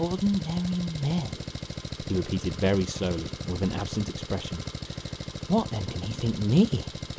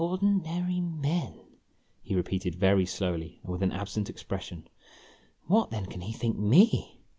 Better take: second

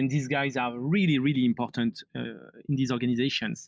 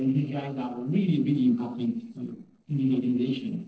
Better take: first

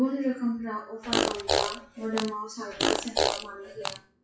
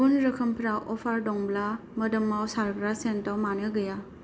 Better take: second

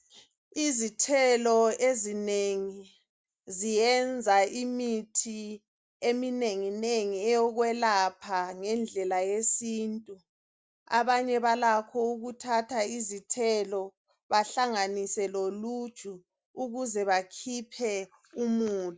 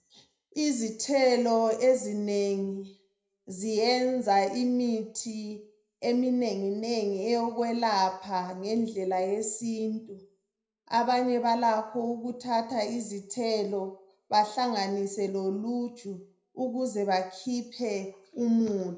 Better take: first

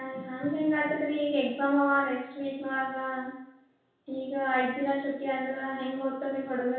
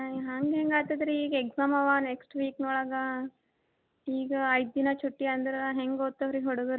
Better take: second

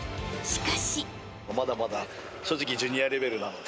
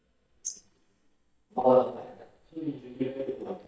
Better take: first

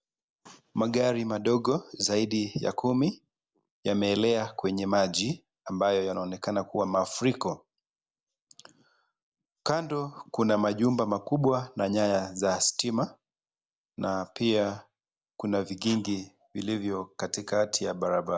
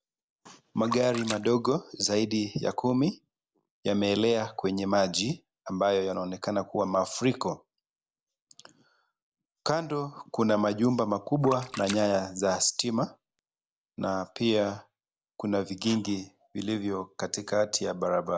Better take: first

